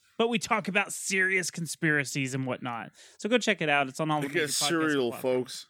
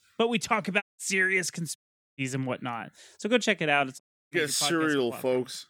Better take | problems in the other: first | audio cutting out; at 1 s, at 2 s and at 4 s

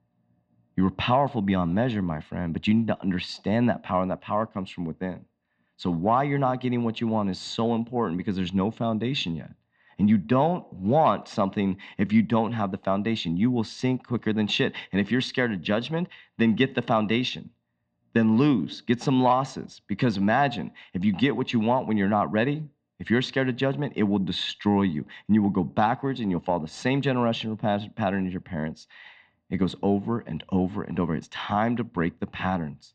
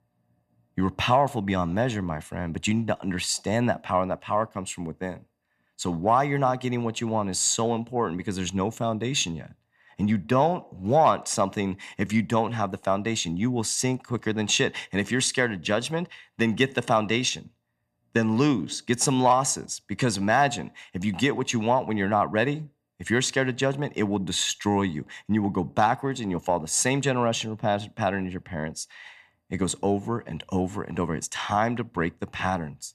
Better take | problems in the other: second | muffled; slightly; fading above 4 kHz

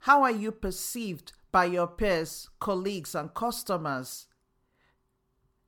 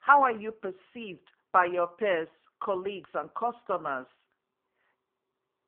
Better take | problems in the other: first | phone-call audio; poor line

